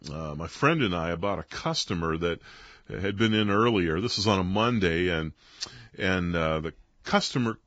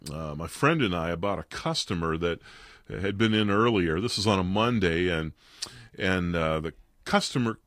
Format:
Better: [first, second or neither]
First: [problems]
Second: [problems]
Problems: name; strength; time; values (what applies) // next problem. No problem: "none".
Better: second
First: garbled, watery; badly; nothing above 7.5 kHz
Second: garbled, watery; slightly; nothing above 15 kHz